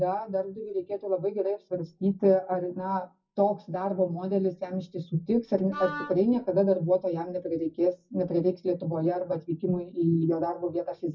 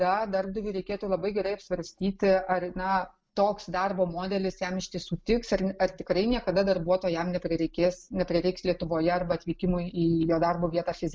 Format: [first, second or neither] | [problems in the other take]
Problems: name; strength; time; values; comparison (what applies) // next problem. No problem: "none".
second | noise reduction (classical method WPE with log-MMSE)